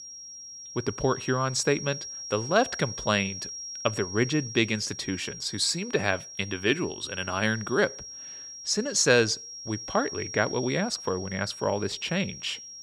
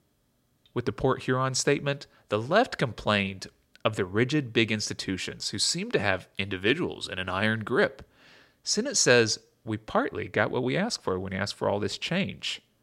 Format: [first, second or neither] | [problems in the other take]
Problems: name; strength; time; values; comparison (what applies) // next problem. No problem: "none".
second | high-pitched whine; loud; throughout; 5.5 kHz, 10 dB below the speech